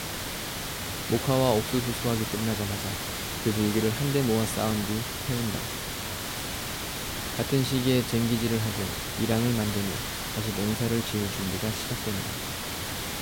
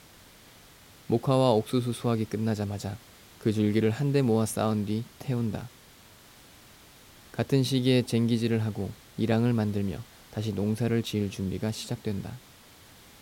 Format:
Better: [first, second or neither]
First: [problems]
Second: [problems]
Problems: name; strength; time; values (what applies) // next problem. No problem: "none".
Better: second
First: hiss; loud; throughout; 3 dB below the speech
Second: hiss; faint; throughout; 25 dB below the speech